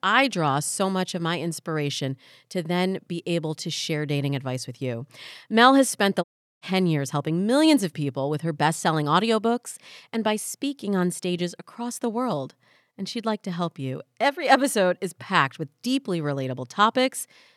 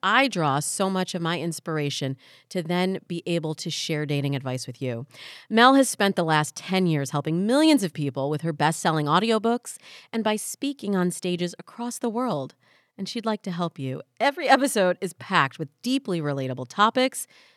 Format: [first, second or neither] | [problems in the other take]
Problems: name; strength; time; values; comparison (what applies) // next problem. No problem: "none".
second | audio cutting out; at 6 s